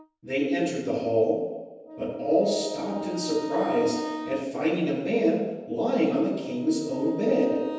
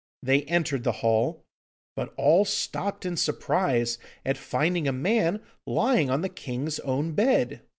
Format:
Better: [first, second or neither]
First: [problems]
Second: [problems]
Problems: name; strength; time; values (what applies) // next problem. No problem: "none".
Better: second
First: background sound (Wind instrument, woodwind instrument); 12 dB below the speech // room echo; dies away in 1.1 s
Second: none